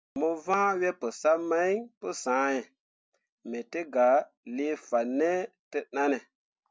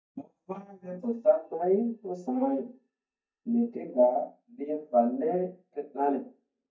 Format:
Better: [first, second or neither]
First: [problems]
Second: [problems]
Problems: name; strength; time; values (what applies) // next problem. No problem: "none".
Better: first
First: none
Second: noise reduction (neural mask model DeepFilterNet 3)